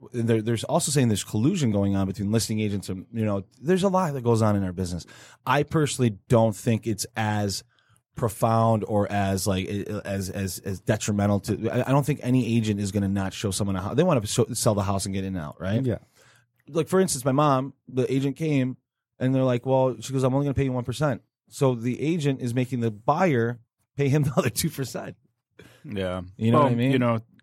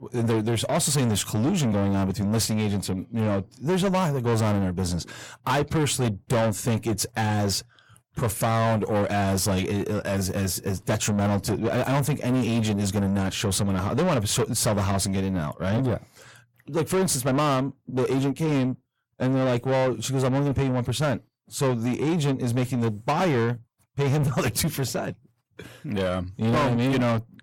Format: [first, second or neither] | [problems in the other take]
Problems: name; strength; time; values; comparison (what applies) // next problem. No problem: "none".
first | distortion; heavy; 7 dB below the speech